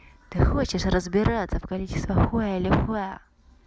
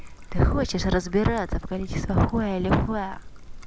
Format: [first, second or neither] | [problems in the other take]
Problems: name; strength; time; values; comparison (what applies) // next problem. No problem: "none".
first | background sound (Trickle, dribble); 11 dB below the speech